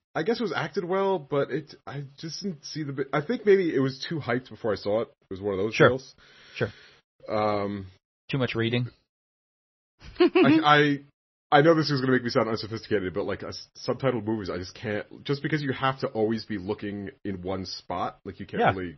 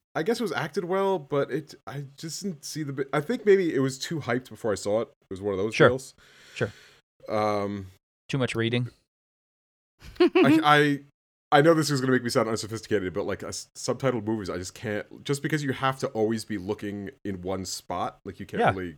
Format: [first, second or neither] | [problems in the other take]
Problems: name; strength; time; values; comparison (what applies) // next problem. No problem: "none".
second | garbled, watery; slightly; nothing above 6 kHz